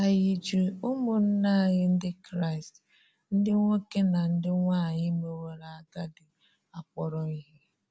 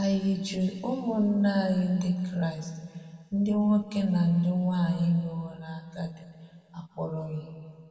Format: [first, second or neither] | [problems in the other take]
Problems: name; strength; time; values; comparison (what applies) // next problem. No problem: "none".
first | room echo; dies away in 1.9 s